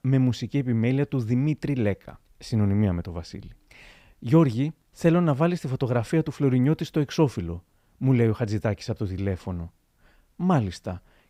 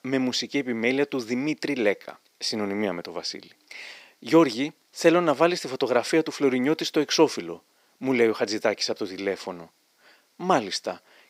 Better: first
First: none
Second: thin; somewhat; fading below 350 Hz

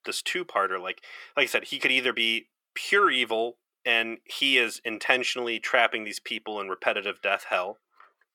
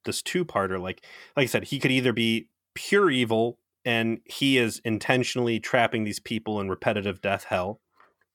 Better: second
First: thin; somewhat; fading below 450 Hz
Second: none

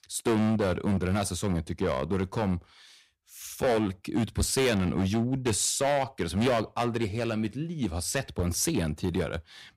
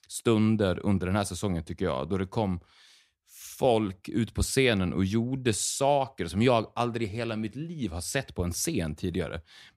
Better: second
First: distortion; heavy; 9% of the sound clipped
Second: none

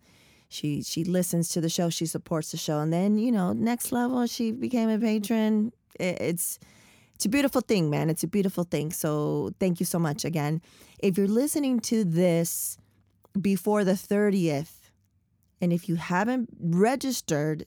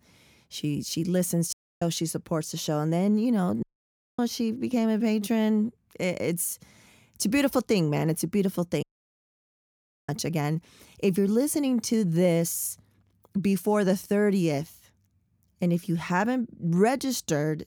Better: first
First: none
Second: audio cutting out; at 1.5 s, at 3.5 s for 0.5 s and at 9 s for 1.5 s

